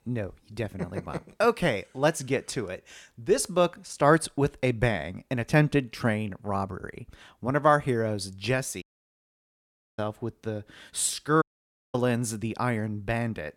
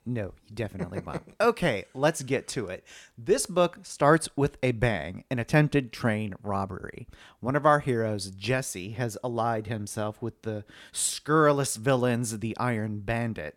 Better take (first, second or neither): second